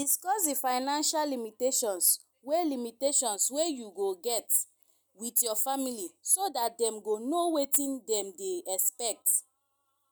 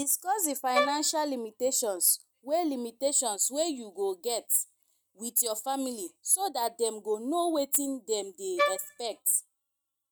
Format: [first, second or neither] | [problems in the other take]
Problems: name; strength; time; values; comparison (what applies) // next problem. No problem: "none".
first | noise reduction (neural mask model RNNoise)